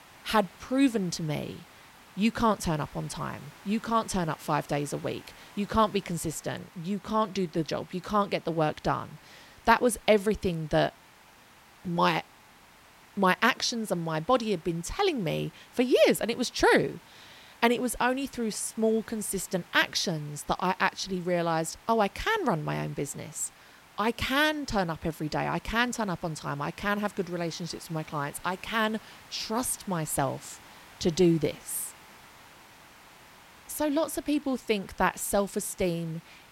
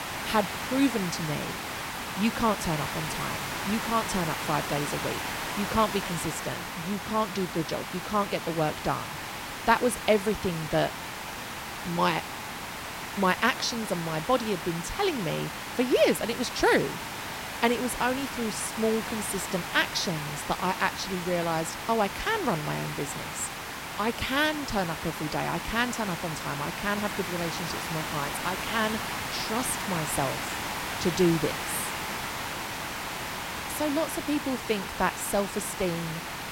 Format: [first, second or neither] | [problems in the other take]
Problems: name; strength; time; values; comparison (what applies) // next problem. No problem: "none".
first | hiss; loud; throughout; 4 dB below the speech; faint in the first